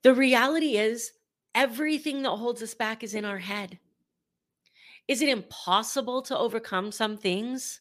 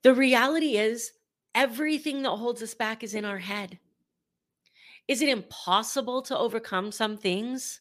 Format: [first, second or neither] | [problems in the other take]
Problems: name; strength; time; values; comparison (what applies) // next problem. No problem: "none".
neither | none